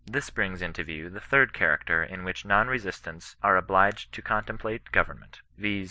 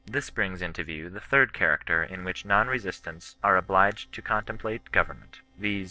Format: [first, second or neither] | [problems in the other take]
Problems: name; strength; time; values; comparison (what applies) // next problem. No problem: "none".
first | noise reduction (neural separator model SepFormer DNS4)